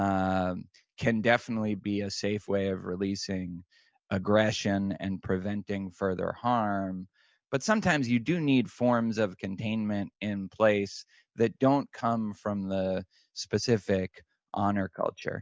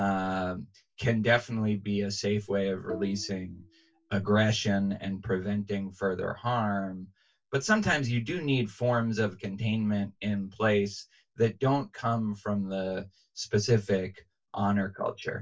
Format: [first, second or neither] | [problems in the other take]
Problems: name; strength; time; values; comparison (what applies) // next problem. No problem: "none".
first | noise reduction (neural separator model SepFormer DNS4)